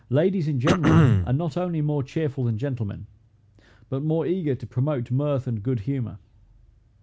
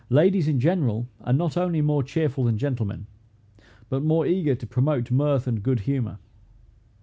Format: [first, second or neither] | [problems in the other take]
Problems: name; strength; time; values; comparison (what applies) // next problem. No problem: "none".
second | background sound (Cough); 3 dB above the speech